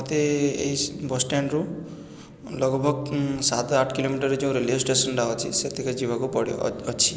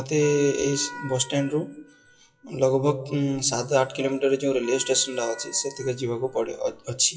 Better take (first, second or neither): first